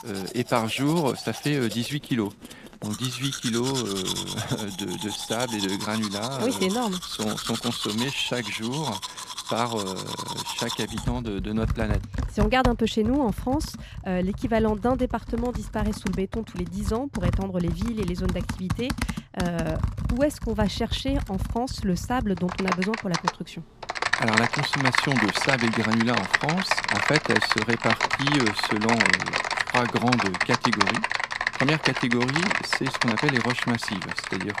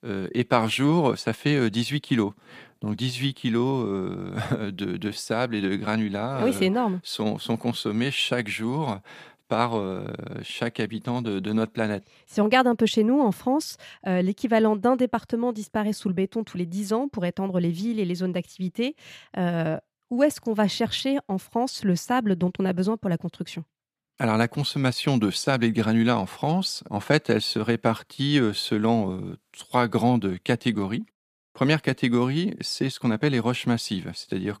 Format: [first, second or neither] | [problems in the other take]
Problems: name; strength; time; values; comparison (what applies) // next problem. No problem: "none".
second | household noises; loud; throughout; 1 dB below the speech